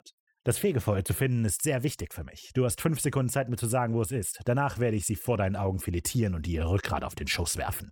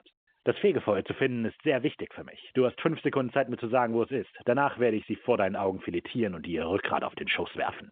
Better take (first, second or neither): first